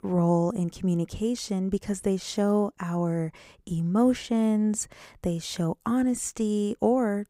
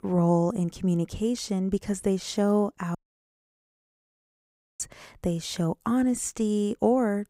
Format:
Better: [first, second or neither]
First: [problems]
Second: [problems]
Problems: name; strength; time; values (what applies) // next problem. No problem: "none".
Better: first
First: none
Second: audio cutting out; at 3 s for 2 s